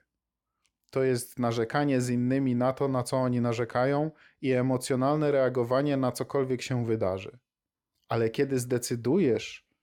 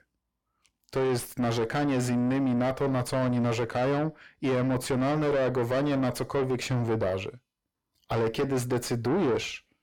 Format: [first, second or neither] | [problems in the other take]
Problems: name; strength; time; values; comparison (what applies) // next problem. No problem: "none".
first | distortion; heavy; 6 dB below the speech